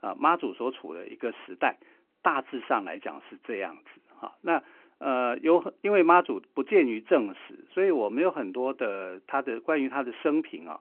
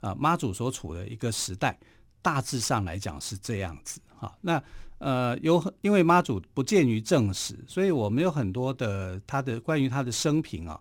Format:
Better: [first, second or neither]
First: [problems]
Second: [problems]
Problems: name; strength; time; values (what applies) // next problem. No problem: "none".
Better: second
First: phone-call audio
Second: none